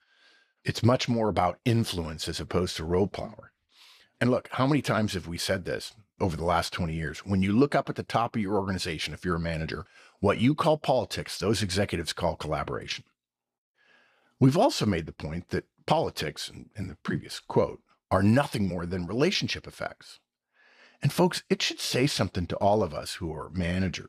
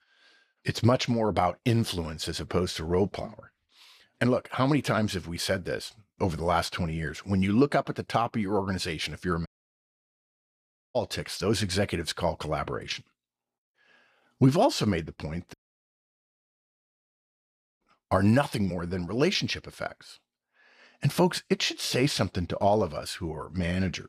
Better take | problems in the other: first | audio cutting out; at 9.5 s for 1.5 s and at 16 s for 2.5 s

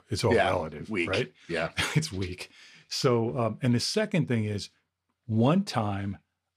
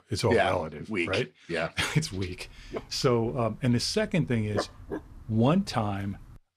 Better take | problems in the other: first | dog barking; noticeable; from 2.5 to 6 s; peak 7 dB below the speech

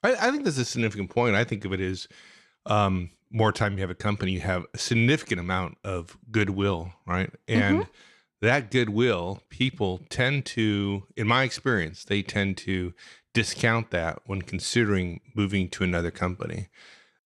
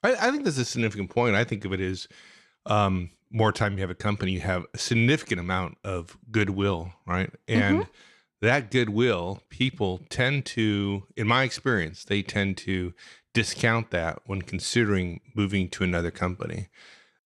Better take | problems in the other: neither | none

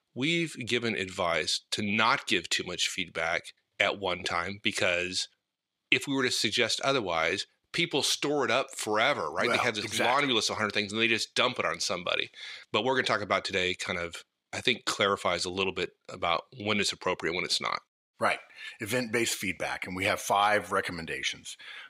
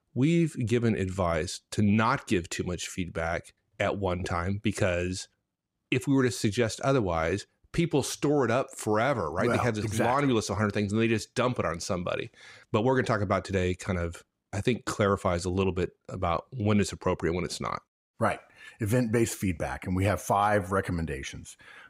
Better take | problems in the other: second | thin; somewhat; fading below 1 kHz

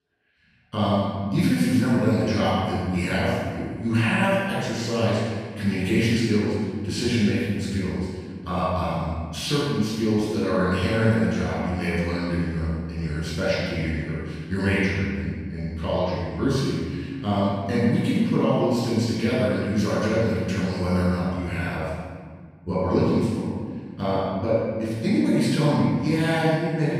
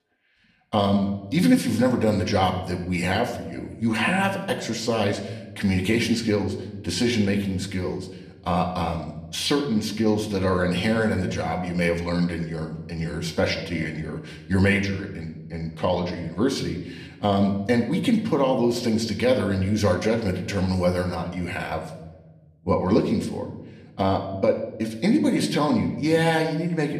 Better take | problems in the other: second | room echo; strong; dies away in 1.7 s; slight in the second // off-mic speech; far; somewhat distant in the second

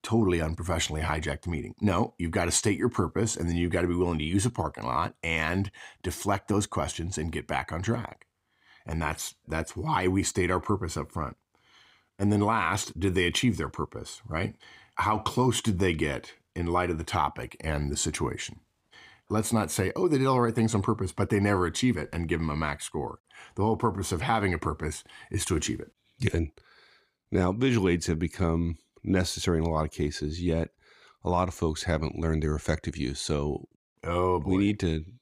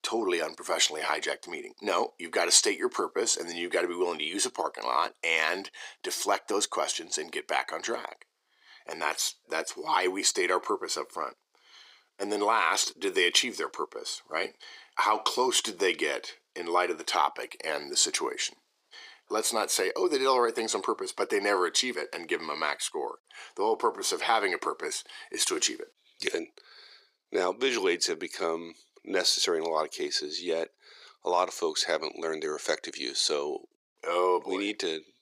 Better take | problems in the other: first | thin; very; fading below 400 Hz

